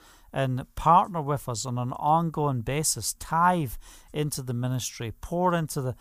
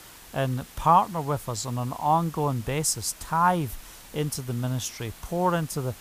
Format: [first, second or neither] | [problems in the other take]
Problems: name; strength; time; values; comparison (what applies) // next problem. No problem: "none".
first | hiss; noticeable; throughout; 20 dB below the speech